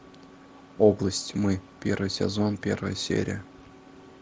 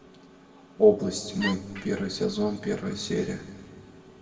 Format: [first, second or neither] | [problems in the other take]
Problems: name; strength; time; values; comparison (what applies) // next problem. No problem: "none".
first | background sound (Wood); 8 dB below the speech // room echo; dies away in 1.8 s